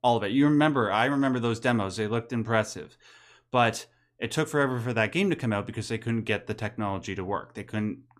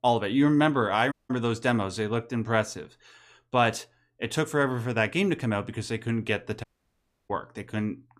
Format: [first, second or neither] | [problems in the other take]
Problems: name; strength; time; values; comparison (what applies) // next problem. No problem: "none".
first | audio cutting out; at 1 s and at 6.5 s for 0.5 s